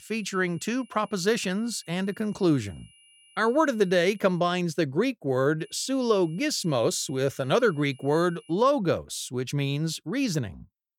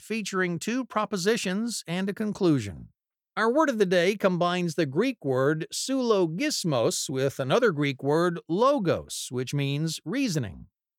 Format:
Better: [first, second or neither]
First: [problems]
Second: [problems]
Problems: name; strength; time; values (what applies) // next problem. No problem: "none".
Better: second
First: high-pitched whine; faint; until 4.5 s and from 5.5 to 8.5 s; 3 kHz, 30 dB below the speech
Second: none